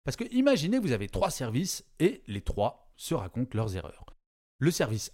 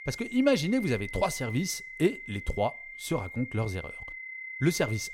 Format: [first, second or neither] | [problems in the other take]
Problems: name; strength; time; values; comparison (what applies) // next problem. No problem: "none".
first | high-pitched whine; loud; throughout; 2 kHz, 10 dB below the speech